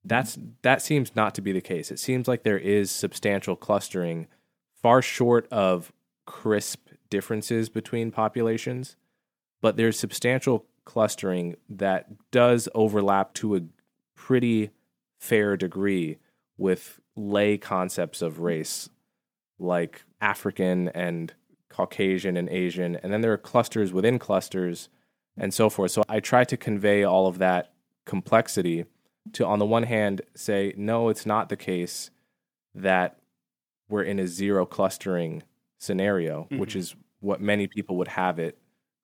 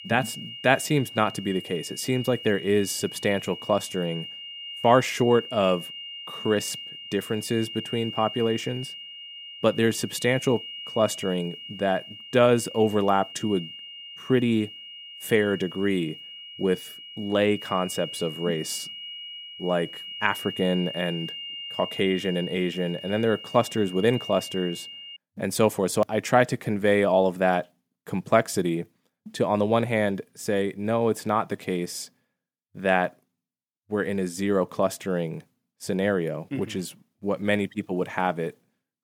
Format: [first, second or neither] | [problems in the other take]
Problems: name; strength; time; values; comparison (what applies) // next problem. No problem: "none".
first | high-pitched whine; noticeable; until 25 s; 3 kHz, 10 dB below the speech